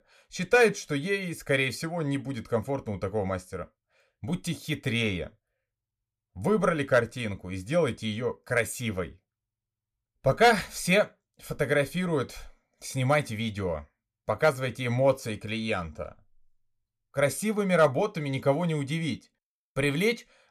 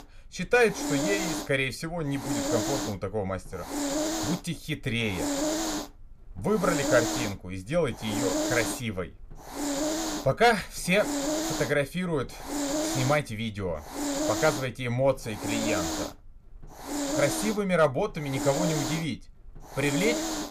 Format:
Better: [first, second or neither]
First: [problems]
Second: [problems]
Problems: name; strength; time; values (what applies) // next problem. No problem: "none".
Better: first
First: none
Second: hiss; loud; throughout; 2 dB below the speech